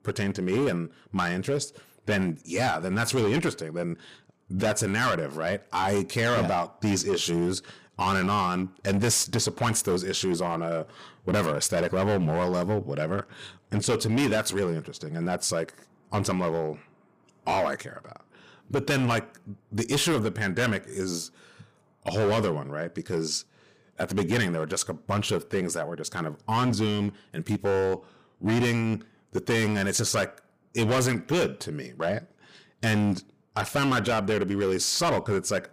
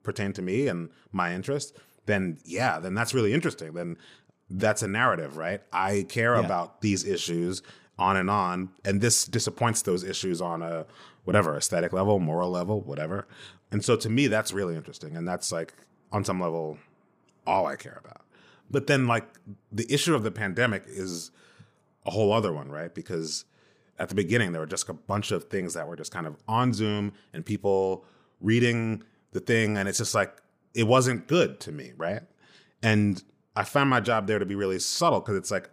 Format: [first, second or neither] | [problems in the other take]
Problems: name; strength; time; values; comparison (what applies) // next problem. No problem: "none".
second | distortion; heavy; 11% of the sound clipped